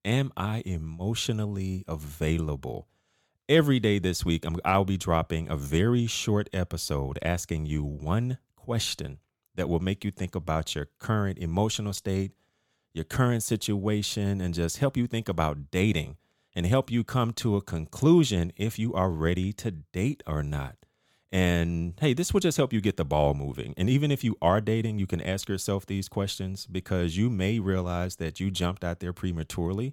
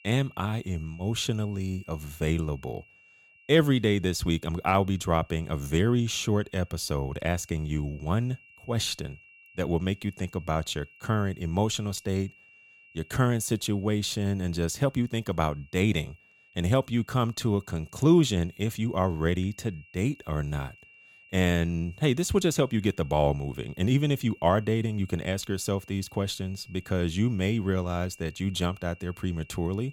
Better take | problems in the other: first | high-pitched whine; faint; throughout; 3 kHz, 25 dB below the speech

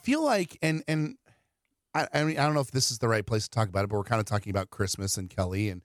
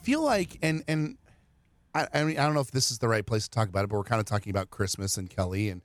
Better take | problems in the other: first | rain or running water; faint; throughout; 30 dB below the speech

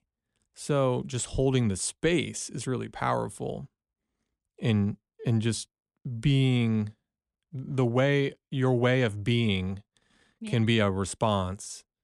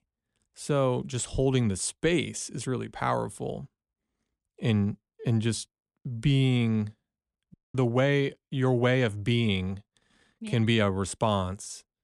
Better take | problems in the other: first | audio cutting out; at 7.5 s

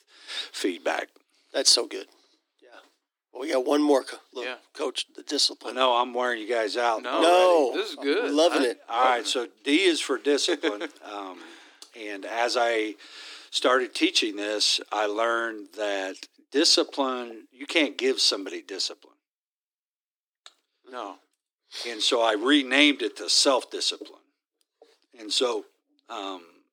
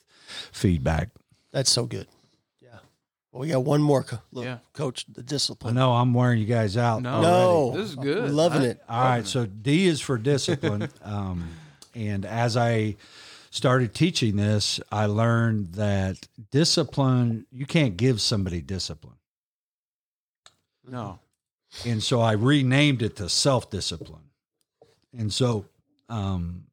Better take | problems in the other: second | thin; somewhat; fading below 300 Hz

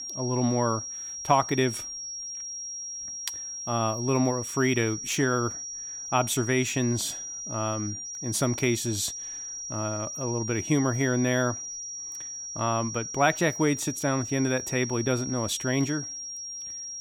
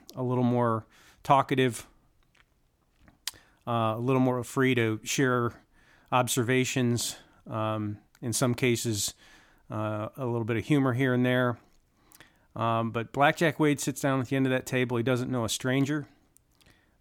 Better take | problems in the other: second | high-pitched whine; loud; throughout; 5.5 kHz, 7 dB below the speech

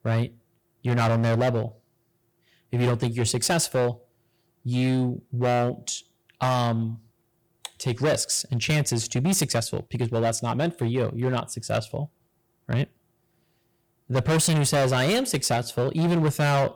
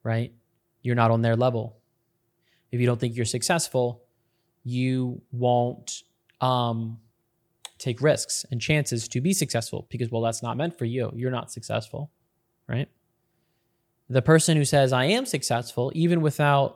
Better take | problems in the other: second | distortion; heavy; 12% of the sound clipped

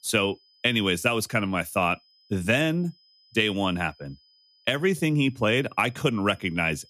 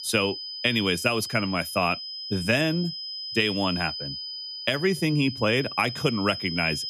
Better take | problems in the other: first | high-pitched whine; loud; throughout; 5 kHz, 7 dB below the speech; faint in the first

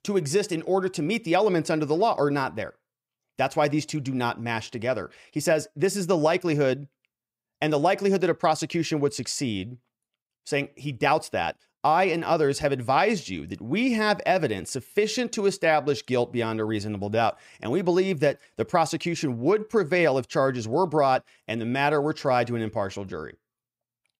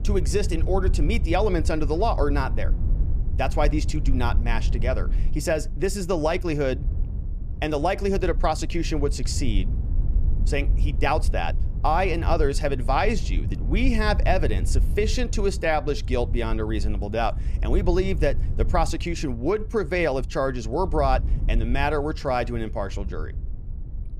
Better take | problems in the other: first | wind noise on the microphone; occasional gusts; 20 dB below the speech

